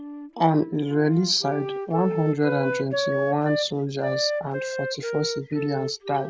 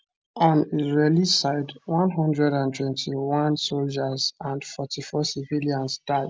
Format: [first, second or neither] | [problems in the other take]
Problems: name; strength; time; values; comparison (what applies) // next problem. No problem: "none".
second | background sound (Wind instrument, woodwind instrument); 5 dB below the speech